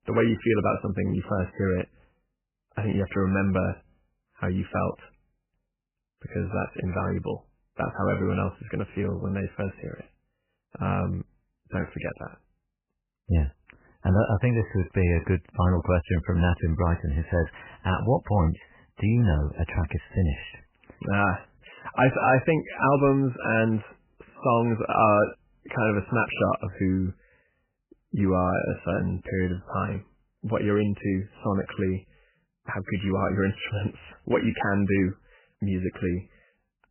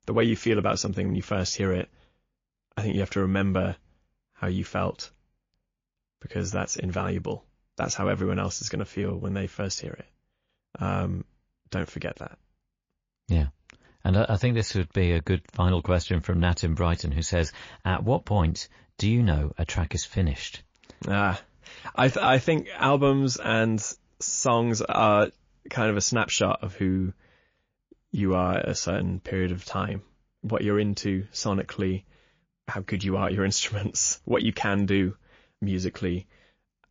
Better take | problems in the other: second | garbled, watery; badly; nothing above 3 kHz; slightly in the second

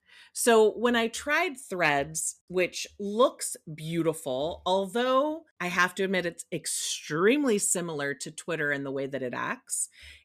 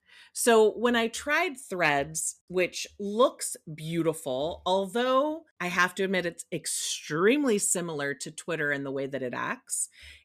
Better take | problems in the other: neither | none

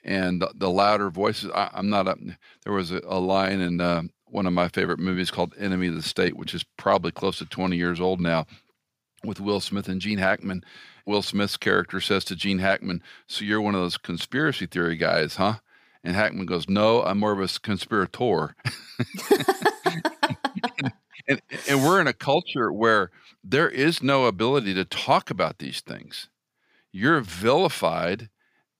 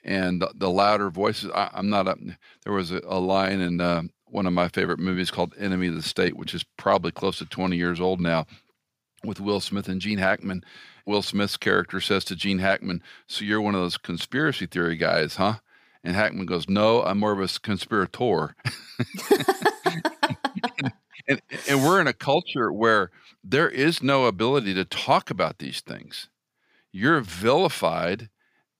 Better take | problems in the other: neither | none

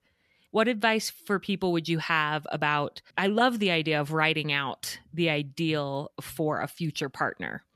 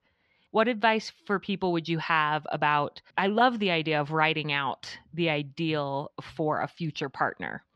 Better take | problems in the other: first | muffled; very slightly; fading above 4.5 kHz

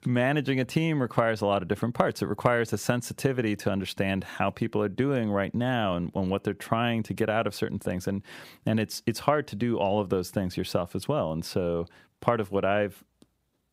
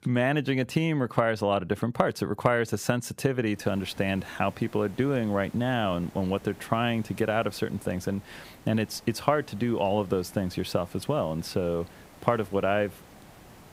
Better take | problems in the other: first | hiss; faint; from 3.5 s on; 25 dB below the speech

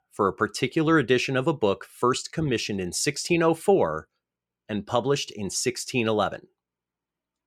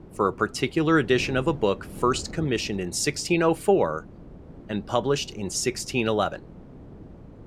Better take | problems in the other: first | wind noise on the microphone; occasional gusts; 25 dB below the speech

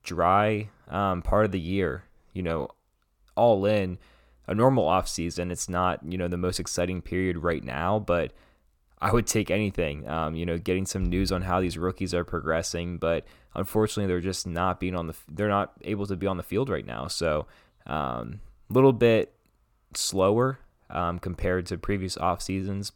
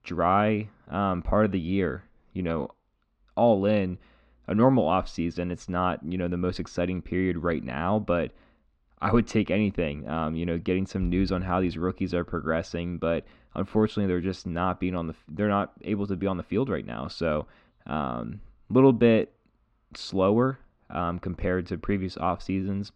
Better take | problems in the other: first | muffled; slightly; fading above 4 kHz

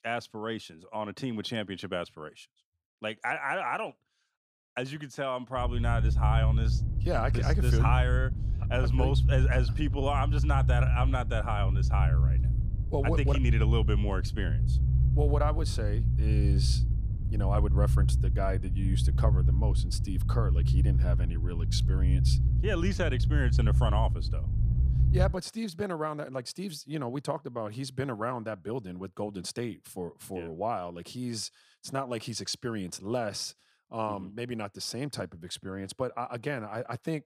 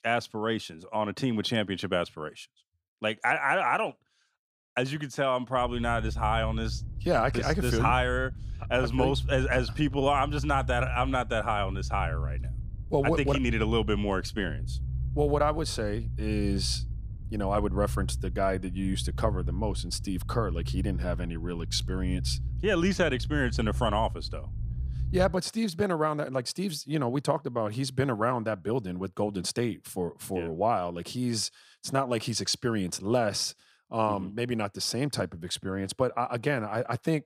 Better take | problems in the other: second | low rumble; loud; from 5.5 to 25 s; 8 dB below the speech; faint in the second

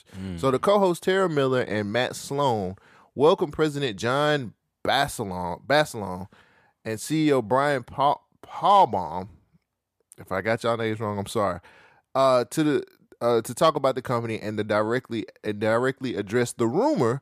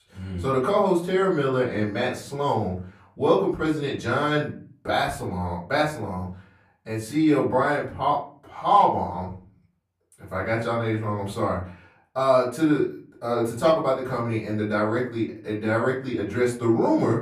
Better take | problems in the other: first | off-mic speech; far // room echo; slight; dies away in 0.4 s

